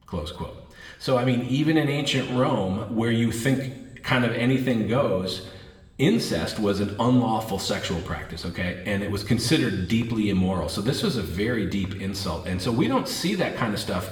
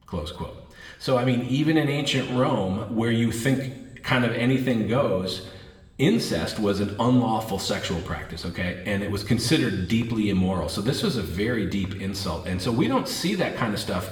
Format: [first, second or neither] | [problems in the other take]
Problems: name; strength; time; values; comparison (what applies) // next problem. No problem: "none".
neither | room echo; slight; dies away in 1 s; the same in both // off-mic speech; somewhat distant; the same in both